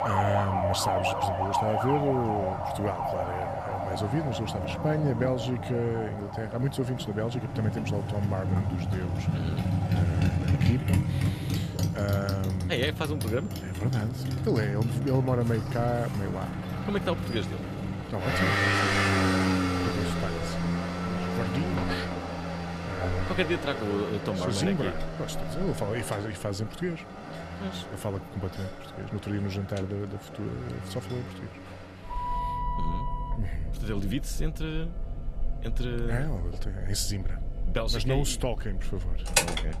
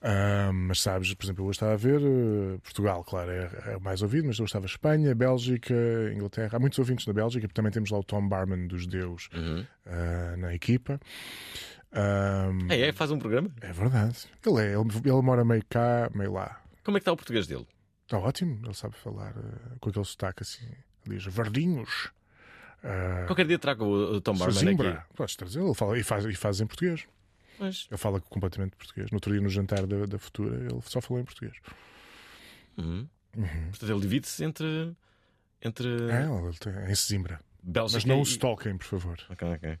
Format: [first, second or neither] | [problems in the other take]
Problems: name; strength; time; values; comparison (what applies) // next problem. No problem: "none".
second | traffic noise; very loud; throughout; 1 dB above the speech